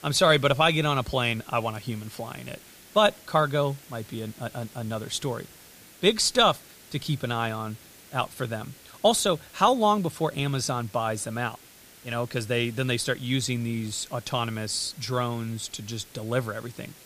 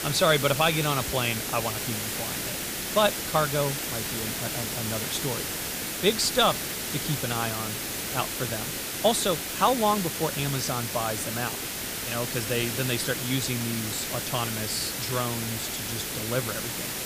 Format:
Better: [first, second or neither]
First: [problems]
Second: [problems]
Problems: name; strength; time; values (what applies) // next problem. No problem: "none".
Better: first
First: hiss; faint; throughout; 20 dB below the speech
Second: hiss; loud; throughout; 2 dB below the speech